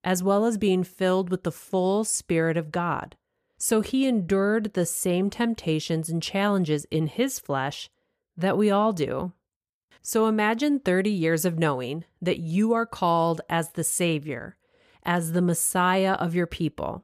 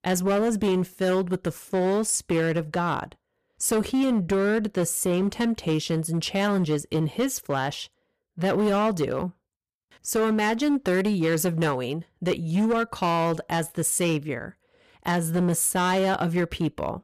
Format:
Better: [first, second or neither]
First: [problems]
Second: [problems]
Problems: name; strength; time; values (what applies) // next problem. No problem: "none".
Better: first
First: none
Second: distortion; slight; 10% of the sound clipped